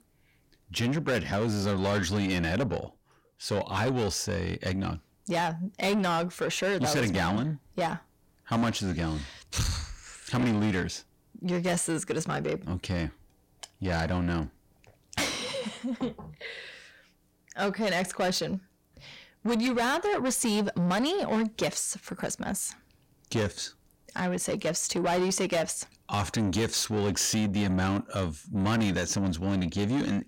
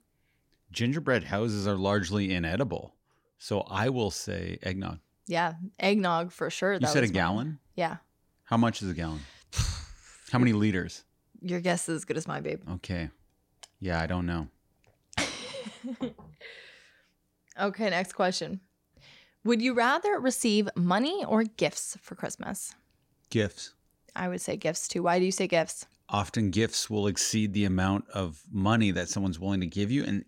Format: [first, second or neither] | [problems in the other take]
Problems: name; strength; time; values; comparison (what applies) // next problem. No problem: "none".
second | distortion; heavy; 8 dB below the speech